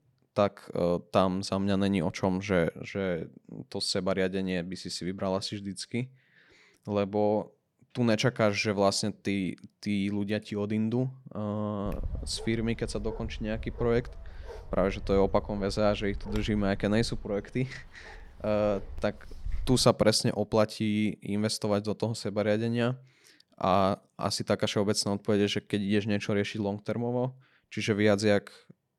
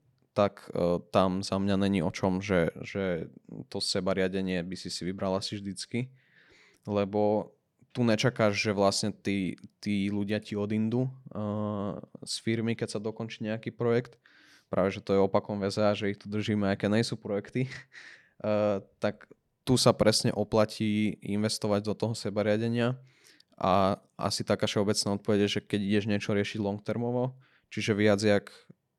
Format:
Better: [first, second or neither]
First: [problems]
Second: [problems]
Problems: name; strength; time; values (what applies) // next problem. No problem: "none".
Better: second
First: dog barking; noticeable; from 12 to 20 s; peak 9 dB below the speech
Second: none